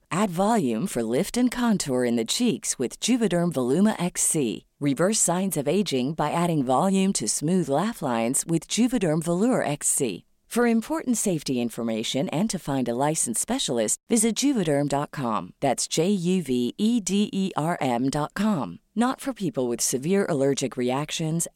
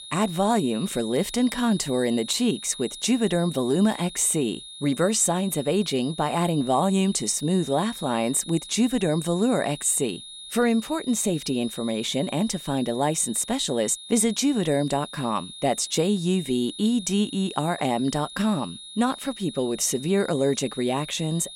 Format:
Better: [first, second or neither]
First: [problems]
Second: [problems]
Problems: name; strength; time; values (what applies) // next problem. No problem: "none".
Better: first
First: none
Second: high-pitched whine; noticeable; throughout; 3.5 kHz, 15 dB below the speech